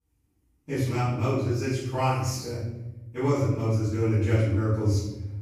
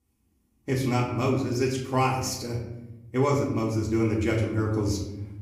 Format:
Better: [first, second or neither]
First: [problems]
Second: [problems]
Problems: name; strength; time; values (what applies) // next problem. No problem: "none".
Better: second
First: room echo; strong; dies away in 1.1 s // off-mic speech; far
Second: room echo; slight; dies away in 0.8 s // off-mic speech; far